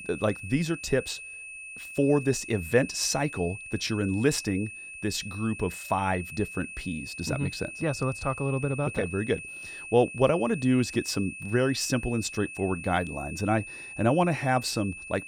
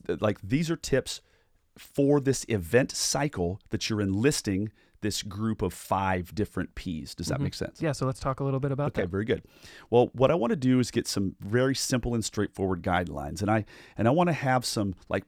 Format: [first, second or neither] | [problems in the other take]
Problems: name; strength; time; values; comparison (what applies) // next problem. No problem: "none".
second | high-pitched whine; noticeable; throughout; 2.5 kHz, 10 dB below the speech